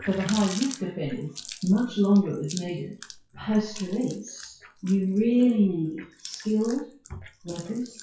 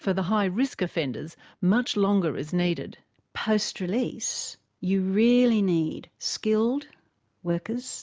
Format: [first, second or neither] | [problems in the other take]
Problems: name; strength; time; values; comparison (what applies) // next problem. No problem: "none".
second | noise reduction (classical method WPE with log-MMSE)